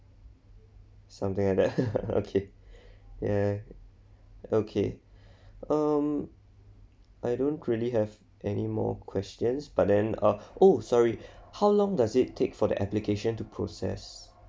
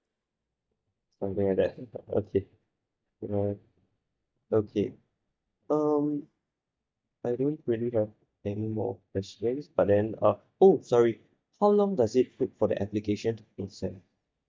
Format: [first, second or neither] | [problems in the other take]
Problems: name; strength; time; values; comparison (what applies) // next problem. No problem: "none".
first | noise reduction (neural mask model DeepFilterNet 3)